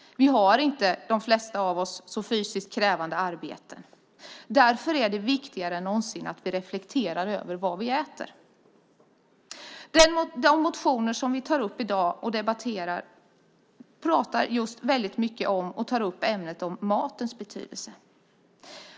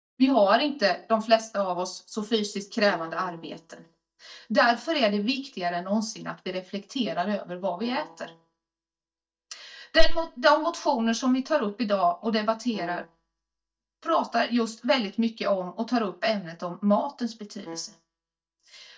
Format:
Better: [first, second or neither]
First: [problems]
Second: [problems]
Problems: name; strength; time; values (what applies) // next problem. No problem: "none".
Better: first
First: none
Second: noise reduction (neural mask model DeepFilterNet 3)